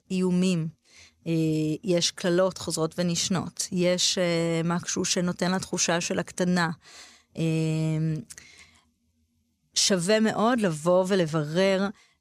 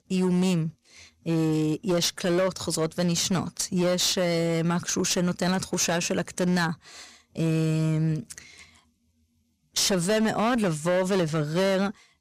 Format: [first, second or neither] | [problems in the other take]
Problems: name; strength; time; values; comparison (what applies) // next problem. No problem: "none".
first | distortion; slight; 15% of the sound clipped